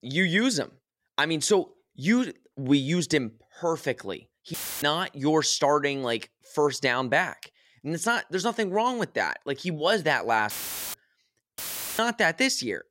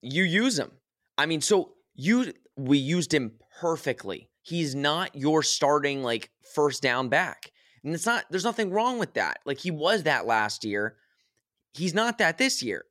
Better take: second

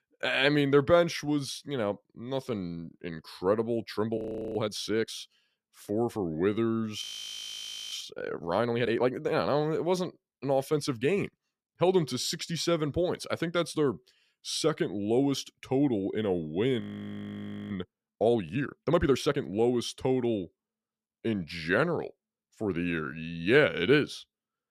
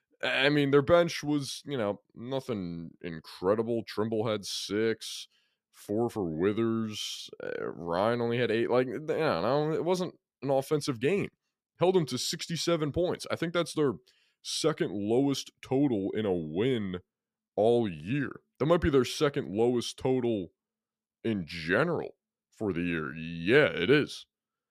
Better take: second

